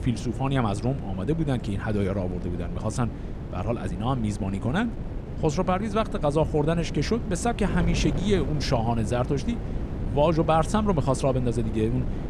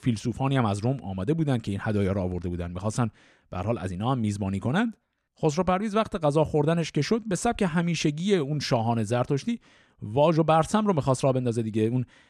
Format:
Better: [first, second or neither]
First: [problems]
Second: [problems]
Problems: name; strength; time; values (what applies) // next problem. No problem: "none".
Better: second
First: wind noise on the microphone; occasional gusts; 10 dB below the speech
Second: none